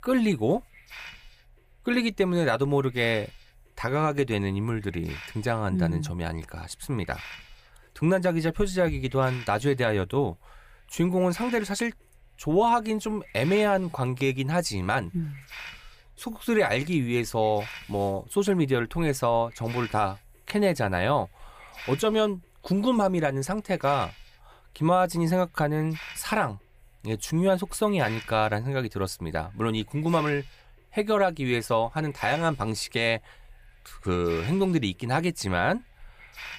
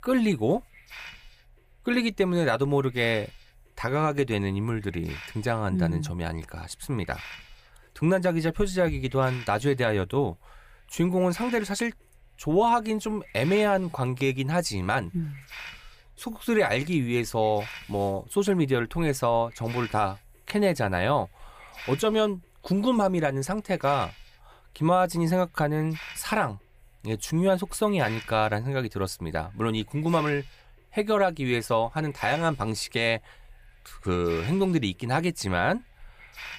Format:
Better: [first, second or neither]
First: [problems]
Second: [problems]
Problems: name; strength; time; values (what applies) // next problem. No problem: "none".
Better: neither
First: hiss; noticeable; throughout; 15 dB below the speech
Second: hiss; noticeable; throughout; 15 dB below the speech